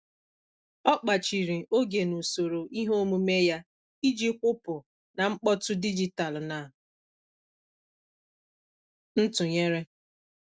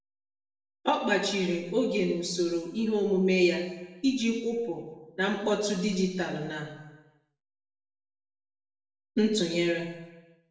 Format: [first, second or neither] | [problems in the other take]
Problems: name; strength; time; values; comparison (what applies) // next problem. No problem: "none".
first | room echo; dies away in 1 s